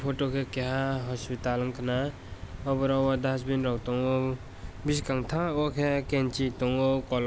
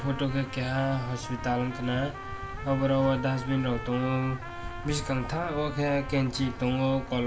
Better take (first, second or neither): first